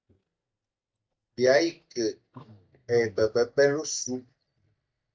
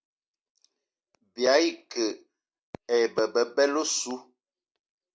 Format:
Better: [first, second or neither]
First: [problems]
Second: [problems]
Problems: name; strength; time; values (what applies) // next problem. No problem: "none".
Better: second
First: noise reduction (neural mask model DeepFilterNet 3)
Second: none